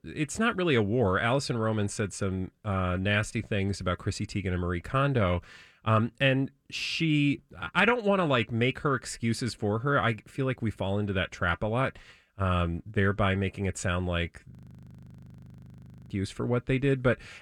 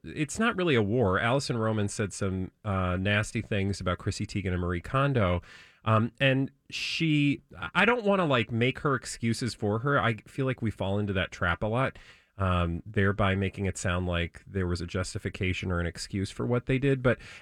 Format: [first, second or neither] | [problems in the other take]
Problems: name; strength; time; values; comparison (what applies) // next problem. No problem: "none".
second | audio freezing; at 15 s for 1.5 s